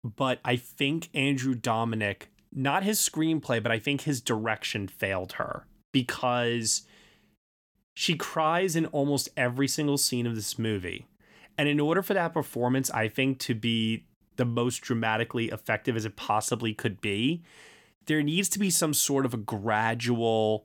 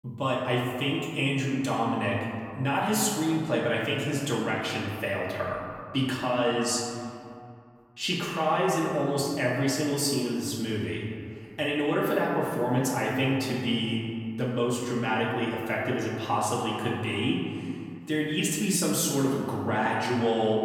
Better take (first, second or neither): first